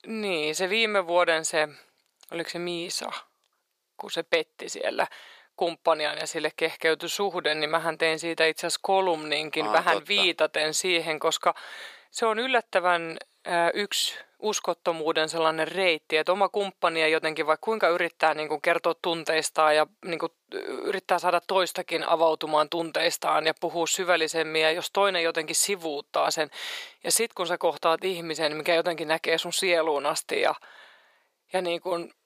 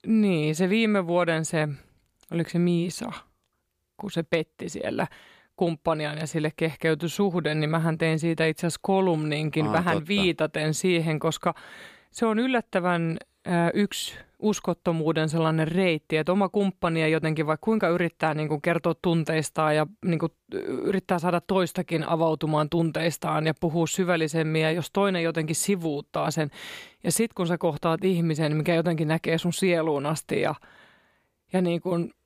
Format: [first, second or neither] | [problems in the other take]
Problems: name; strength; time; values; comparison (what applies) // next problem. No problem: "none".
second | thin; very; fading below 600 Hz